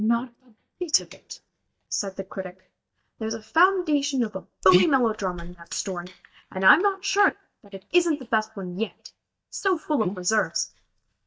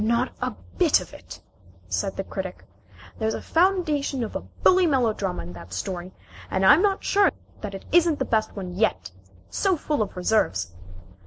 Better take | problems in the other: second | noise reduction (neural mask model DeepFilterNet 3)

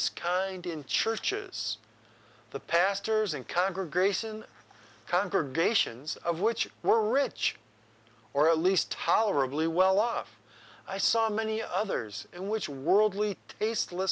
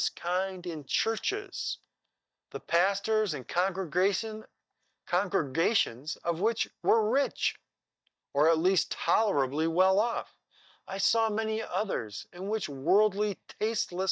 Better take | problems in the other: first | noise reduction (neural mask model DeepFilterNet 3)

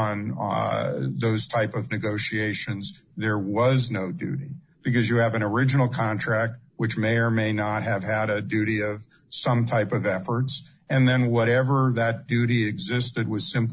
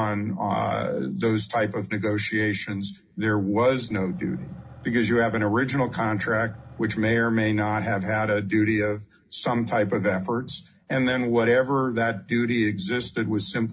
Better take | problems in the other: first | background sound (Engine / Truck / Car); 19 dB below the speech // room echo; dies away in 0.3 s

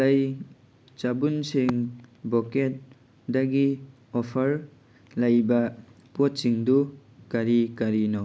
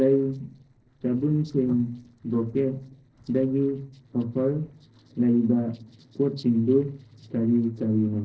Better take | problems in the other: first | noise reduction (neural separator model SepFormer DNS4)

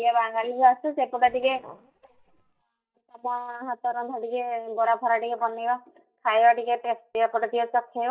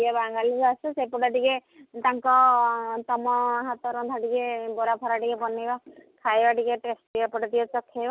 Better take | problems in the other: second | noise reduction (neural mask model DeepFilterNet 3)

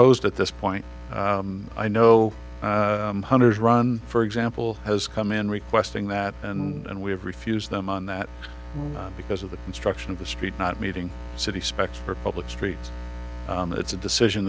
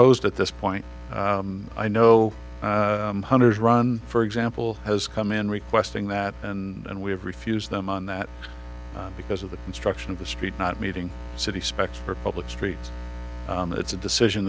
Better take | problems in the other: second | background sound (Brass instrument); 11 dB below the speech

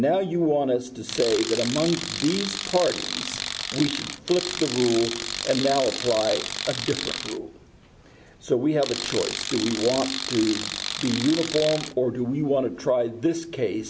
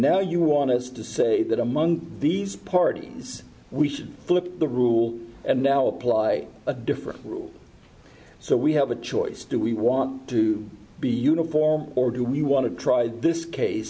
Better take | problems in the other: second | background sound (Tools); 6 dB below the speech

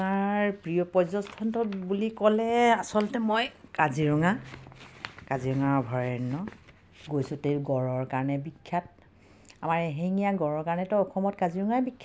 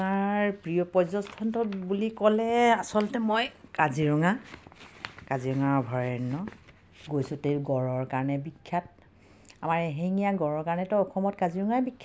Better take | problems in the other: second | background sound (Drum); 18 dB below the speech

